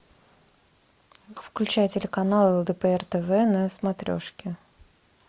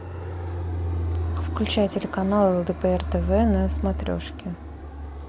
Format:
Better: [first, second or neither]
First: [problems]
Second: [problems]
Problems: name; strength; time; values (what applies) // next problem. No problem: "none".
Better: first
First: none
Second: background sound (Fixed-wing aircraft, airplane); 3 dB below the speech